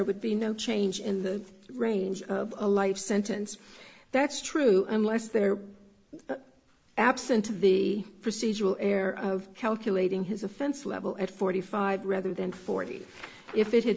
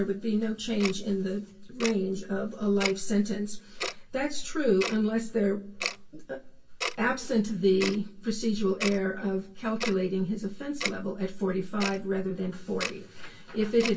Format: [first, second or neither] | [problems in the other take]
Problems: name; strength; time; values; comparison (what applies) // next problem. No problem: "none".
first | background sound (Tick-tock); 11 dB below the speech // room echo; dies away in 0.1 s